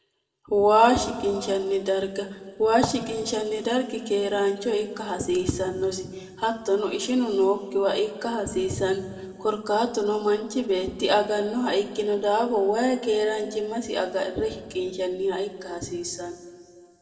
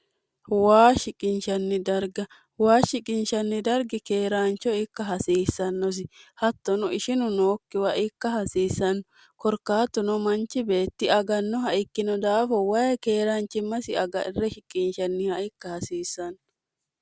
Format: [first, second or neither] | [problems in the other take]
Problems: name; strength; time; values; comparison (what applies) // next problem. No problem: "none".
second | room echo; dies away in 1.7 s